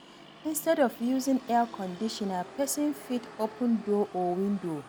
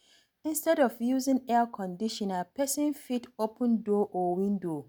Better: second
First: background sound (Motor vehicle (road)); 18 dB below the speech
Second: none

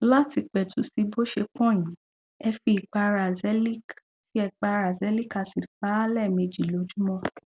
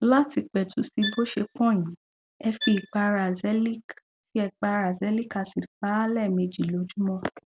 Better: first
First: none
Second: background sound (Bowed string instrument); 11 dB below the speech

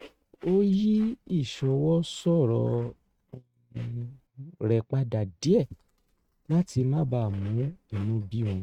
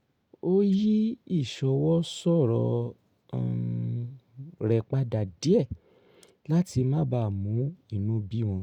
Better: second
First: noise reduction (neural mask model RNNoise)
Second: none

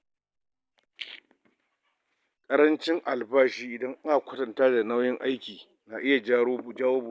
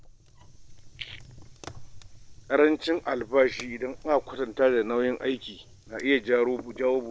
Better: first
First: none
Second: background sound (Fire); 19 dB below the speech

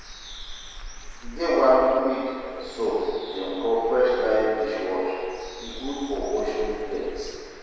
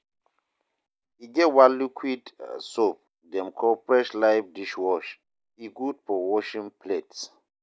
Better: second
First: background sound (Bird); 14 dB below the speech // room echo; dies away in 1.9 s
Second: none

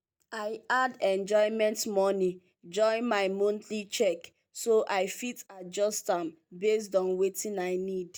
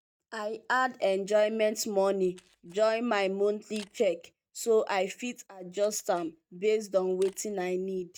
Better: first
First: none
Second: noise reduction (neural mask model RNNoise)

